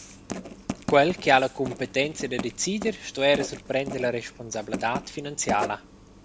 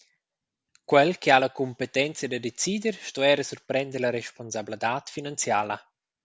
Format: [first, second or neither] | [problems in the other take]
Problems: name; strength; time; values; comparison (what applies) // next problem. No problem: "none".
second | background sound (Writing); 10 dB below the speech